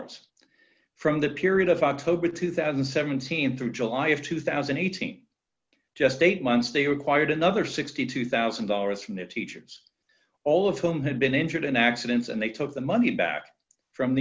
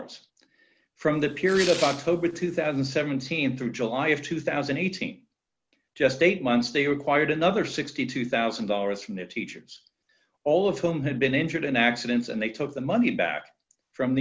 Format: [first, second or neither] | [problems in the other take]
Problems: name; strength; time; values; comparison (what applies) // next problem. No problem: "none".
first | background sound (Tearing); 11 dB below the speech